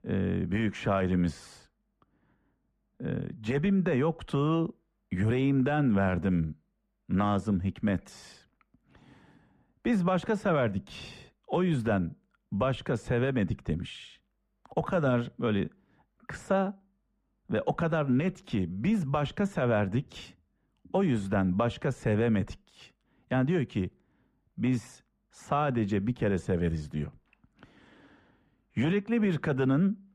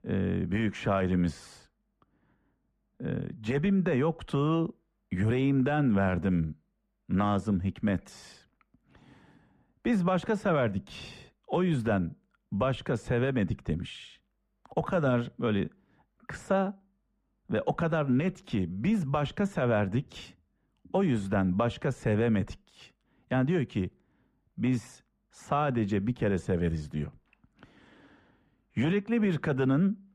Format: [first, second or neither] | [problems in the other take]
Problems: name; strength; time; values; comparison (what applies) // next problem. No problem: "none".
neither | muffled; very; fading above 3 kHz; the same in both